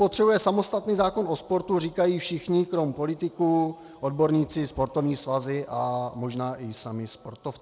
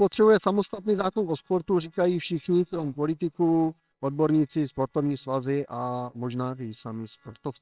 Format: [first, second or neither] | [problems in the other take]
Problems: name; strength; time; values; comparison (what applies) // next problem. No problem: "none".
first | noise reduction (neural separator model SepFormer WHAMR!)